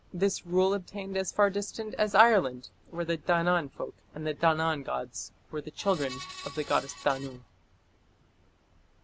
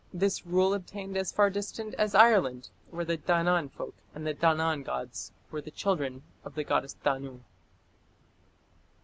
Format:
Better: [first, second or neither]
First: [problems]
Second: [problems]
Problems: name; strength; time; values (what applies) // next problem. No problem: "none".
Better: second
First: background sound (Screech); 14 dB below the speech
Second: none